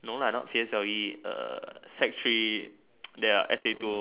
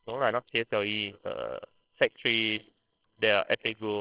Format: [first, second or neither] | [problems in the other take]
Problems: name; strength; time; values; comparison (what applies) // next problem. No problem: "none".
first | noise reduction (neural separator model SepFormer WHAMR!)